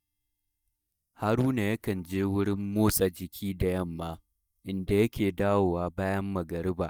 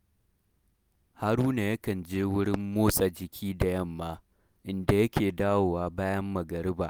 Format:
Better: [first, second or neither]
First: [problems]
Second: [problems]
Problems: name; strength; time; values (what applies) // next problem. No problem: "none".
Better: second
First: noise reduction (neural mask model DeepFilterNet 3)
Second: none